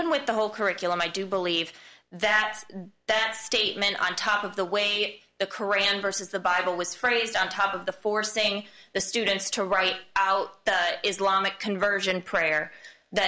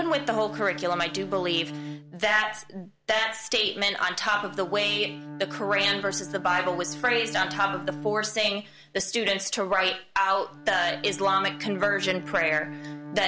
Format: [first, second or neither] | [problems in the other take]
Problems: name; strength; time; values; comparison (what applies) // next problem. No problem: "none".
first | background sound (Bowed string instrument); 13 dB below the speech